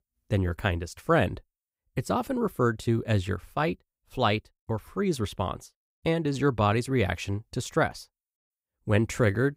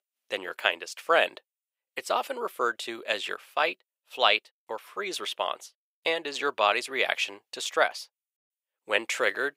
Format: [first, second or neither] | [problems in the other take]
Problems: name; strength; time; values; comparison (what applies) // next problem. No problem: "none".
first | thin; very; fading below 500 Hz